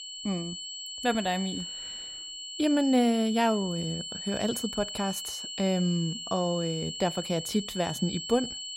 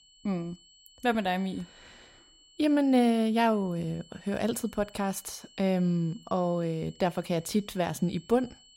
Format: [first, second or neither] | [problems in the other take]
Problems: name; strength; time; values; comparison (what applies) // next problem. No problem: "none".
second | high-pitched whine; loud; throughout; 3 kHz, 7 dB below the speech; faint in the second